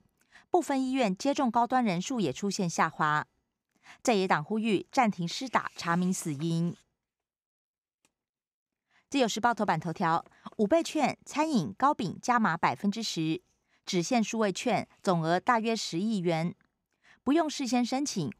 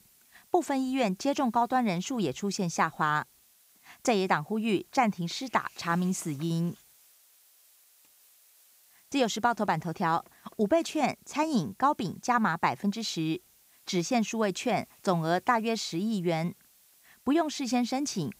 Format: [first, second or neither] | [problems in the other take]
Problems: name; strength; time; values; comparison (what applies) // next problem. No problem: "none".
first | hiss; faint; throughout; 30 dB below the speech